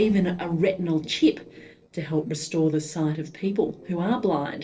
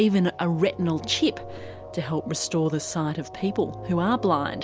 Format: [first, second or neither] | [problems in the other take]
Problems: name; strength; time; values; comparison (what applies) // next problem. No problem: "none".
second | noise reduction (neural separator model SepFormer DNS4)